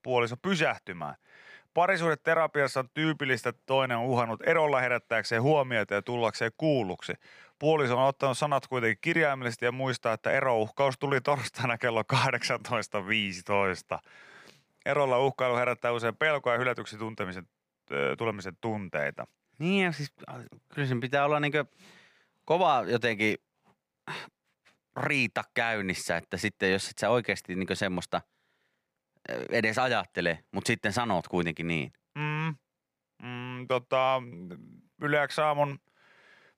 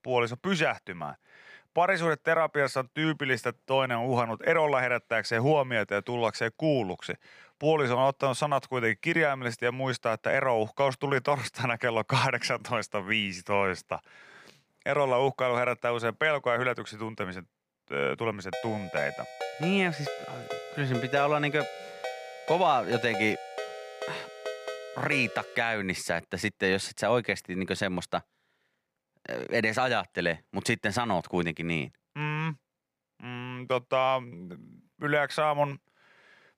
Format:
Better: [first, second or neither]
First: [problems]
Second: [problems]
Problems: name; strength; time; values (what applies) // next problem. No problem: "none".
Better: first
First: none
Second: phone ringing; noticeable; from 19 to 26 s; peak 7 dB below the speech